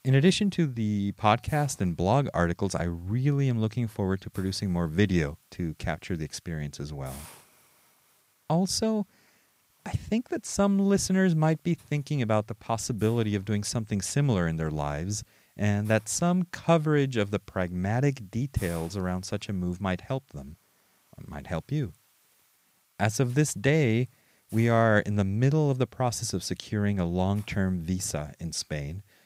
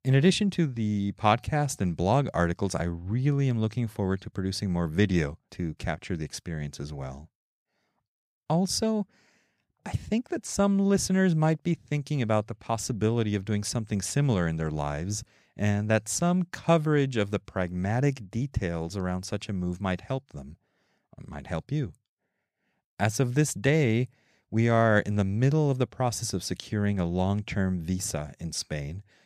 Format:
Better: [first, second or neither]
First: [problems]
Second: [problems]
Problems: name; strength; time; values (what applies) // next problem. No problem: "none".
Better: second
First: hiss; faint; throughout; 30 dB below the speech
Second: none